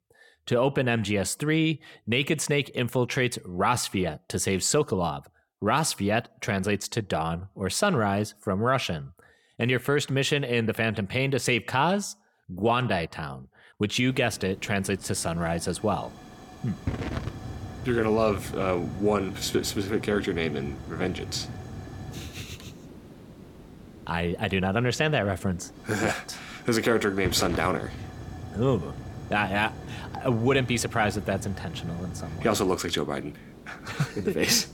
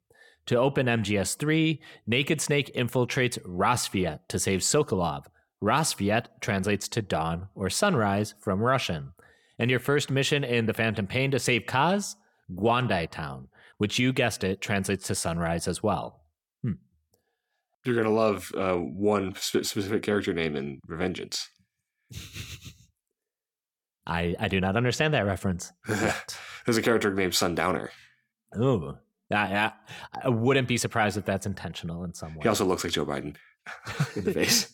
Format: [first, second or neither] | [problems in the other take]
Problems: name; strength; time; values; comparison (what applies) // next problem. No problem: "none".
second | hiss; noticeable; from 14 s on; 15 dB below the speech